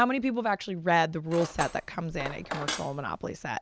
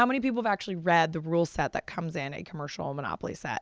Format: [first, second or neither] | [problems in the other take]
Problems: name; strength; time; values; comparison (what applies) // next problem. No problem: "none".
second | background sound (Cutlery, silverware); 9 dB below the speech